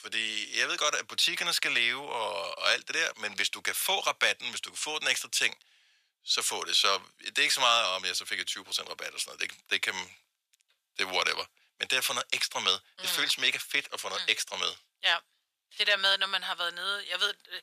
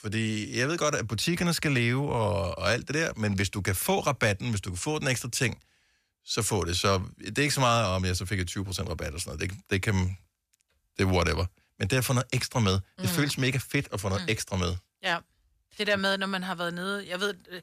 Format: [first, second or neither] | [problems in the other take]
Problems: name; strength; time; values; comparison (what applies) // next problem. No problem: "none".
second | thin; very; fading below 700 Hz